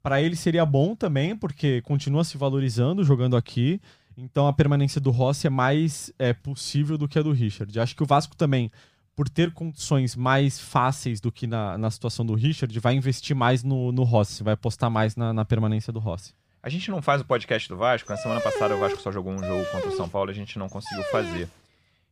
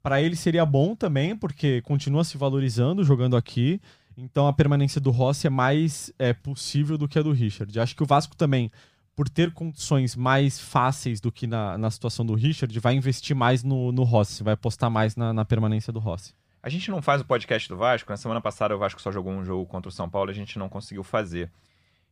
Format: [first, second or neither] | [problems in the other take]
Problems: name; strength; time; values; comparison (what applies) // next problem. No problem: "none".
second | dog barking; noticeable; from 18 to 21 s; peak 2 dB below the speech